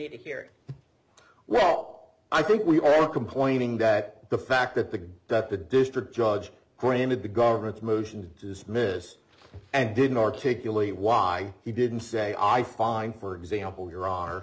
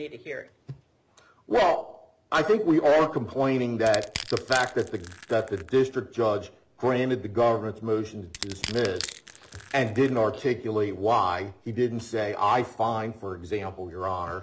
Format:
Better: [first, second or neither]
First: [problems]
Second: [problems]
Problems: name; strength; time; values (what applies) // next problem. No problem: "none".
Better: first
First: none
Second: background sound (Crushing); 15 dB below the speech